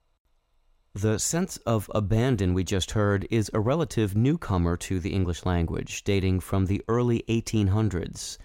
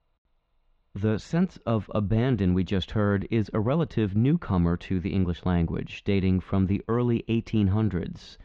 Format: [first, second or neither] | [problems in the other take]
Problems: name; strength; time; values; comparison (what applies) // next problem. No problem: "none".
first | muffled; very; fading above 4 kHz